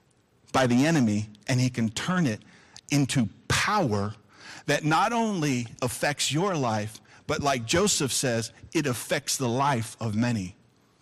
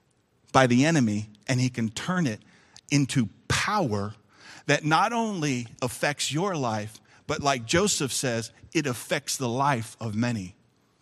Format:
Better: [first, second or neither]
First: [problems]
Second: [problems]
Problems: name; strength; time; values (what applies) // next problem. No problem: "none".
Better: second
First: distortion; slight; 10 dB below the speech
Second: none